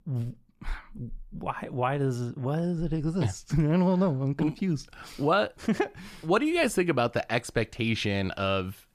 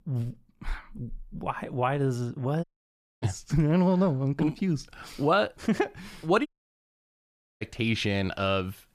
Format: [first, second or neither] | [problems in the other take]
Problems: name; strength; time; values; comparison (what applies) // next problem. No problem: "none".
first | audio cutting out; at 2.5 s for 0.5 s and at 6.5 s for 1 s